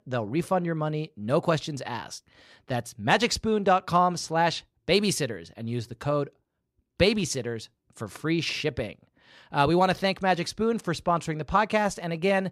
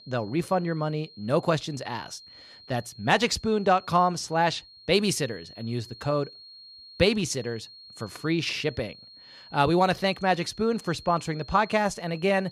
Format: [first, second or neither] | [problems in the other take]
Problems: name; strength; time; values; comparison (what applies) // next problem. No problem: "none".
first | high-pitched whine; faint; throughout; 4.5 kHz, 20 dB below the speech